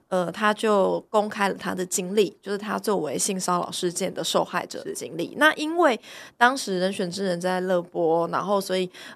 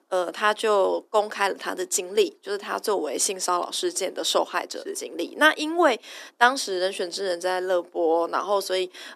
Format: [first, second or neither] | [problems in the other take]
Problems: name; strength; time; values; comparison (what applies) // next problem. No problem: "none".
first | thin; somewhat; fading below 250 Hz